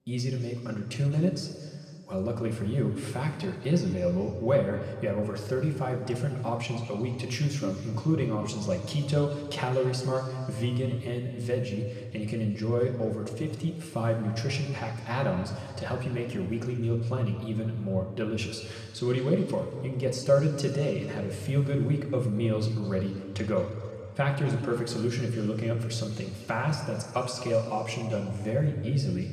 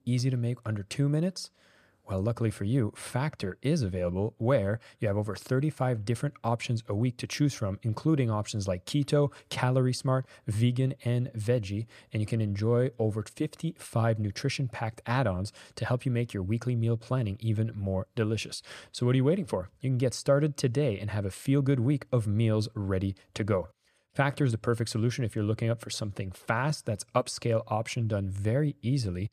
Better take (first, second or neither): second